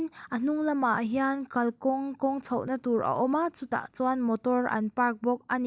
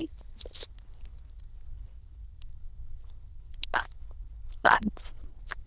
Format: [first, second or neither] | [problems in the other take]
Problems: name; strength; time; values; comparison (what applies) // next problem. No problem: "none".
first | noise reduction (neural diffusion model UNIVERSE++)